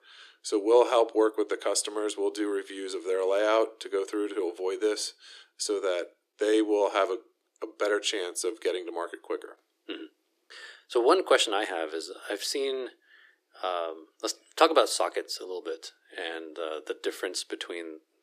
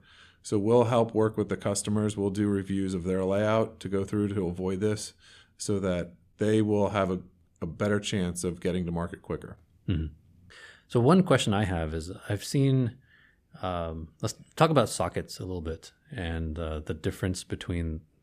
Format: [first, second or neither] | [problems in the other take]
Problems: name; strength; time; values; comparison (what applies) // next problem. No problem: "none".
second | thin; very; fading below 300 Hz